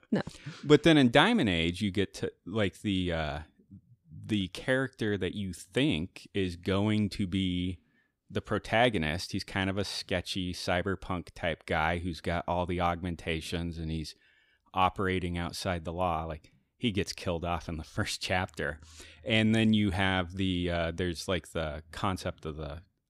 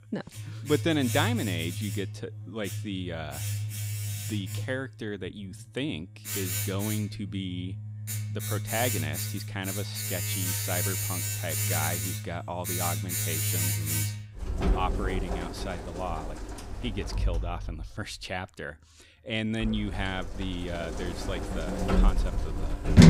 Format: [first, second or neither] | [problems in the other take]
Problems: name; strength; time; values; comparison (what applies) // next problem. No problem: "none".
first | household noises; very loud; throughout; 3 dB above the speech